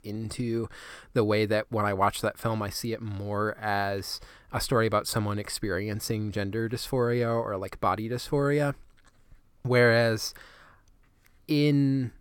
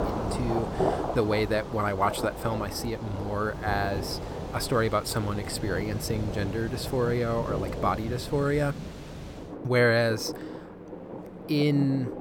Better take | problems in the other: first | rain or running water; loud; throughout; 7 dB below the speech

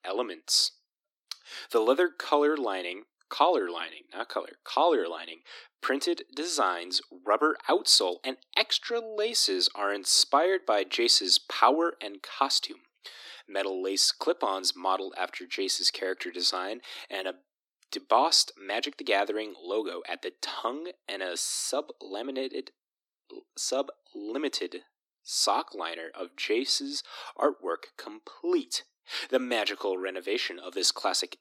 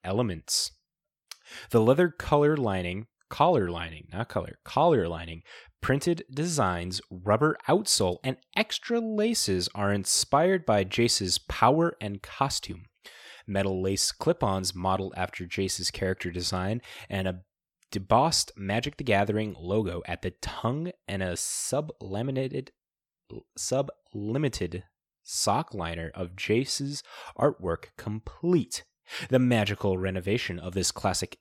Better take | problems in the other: second | thin; somewhat; fading below 250 Hz

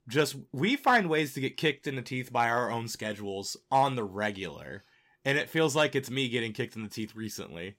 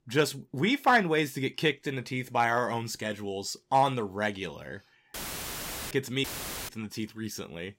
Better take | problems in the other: first | audio cutting out; filled with static; at 5 s for 1 s and at 6 s

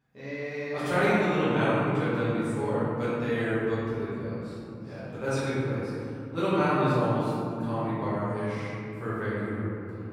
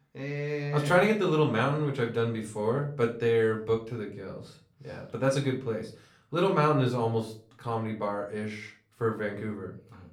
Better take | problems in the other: second | room echo; strong; dies away in 3 s; slight in the second // off-mic speech; far; far in the second

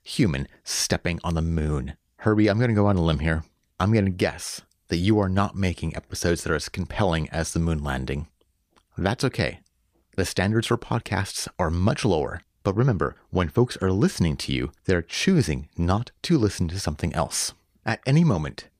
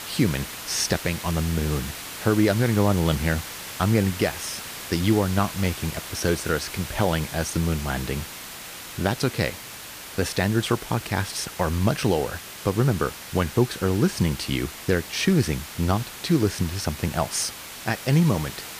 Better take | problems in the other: first | hiss; noticeable; throughout; 10 dB below the speech

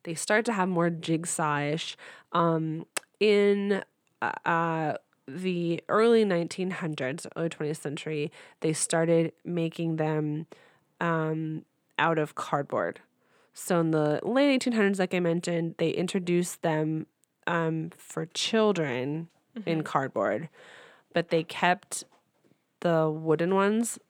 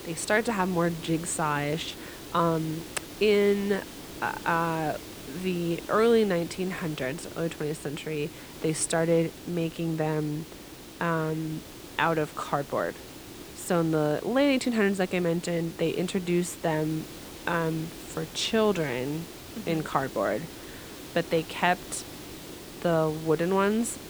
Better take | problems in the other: first | hiss; noticeable; throughout; 15 dB below the speech

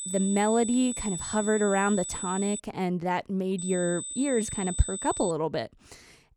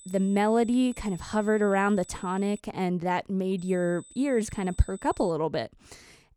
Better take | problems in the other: second | high-pitched whine; loud; until 2.5 s and from 3.5 to 5.5 s; 8 kHz, 6 dB below the speech; faint in the second

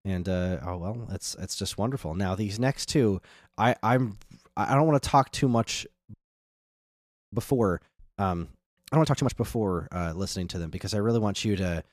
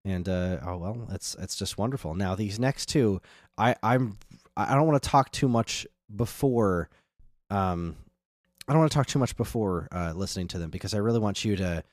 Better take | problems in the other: second | audio freezing; at 6 s for 1 s

